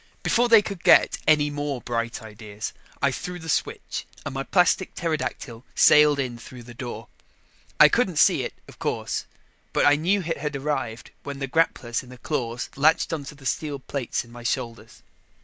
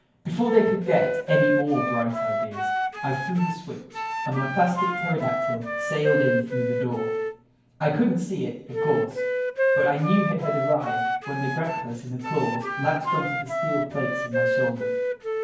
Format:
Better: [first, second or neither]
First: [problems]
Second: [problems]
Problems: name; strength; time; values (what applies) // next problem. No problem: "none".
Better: first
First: none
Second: background sound (Wind instrument, woodwind instrument); as loud as the speech // room echo; dies away in 0.9 s